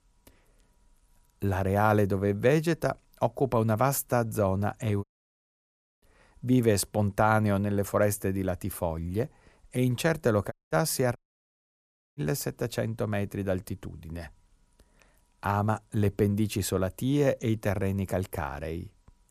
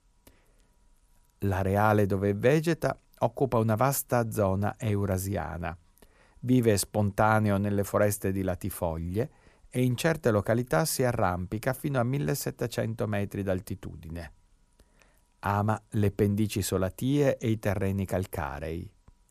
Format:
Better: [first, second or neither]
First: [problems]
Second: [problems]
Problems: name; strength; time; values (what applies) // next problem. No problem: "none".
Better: second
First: audio cutting out; at 5 s for 1 s and at 11 s for 1 s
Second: none